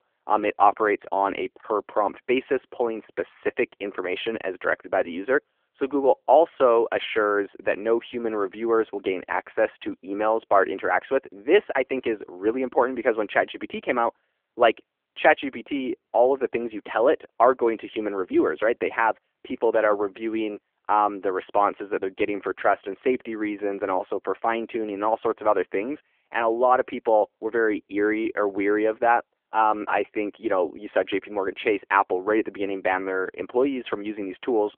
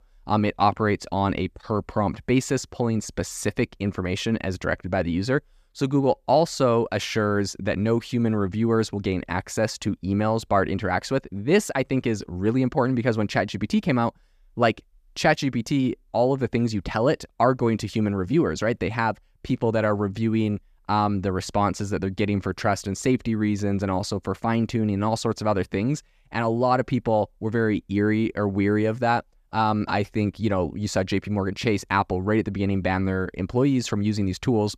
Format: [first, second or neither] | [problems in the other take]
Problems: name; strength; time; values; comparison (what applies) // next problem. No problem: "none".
second | phone-call audio; nothing above 3.5 kHz